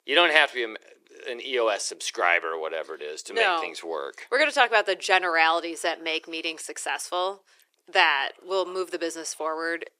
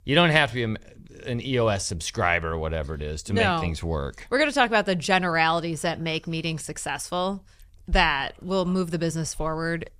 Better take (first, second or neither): second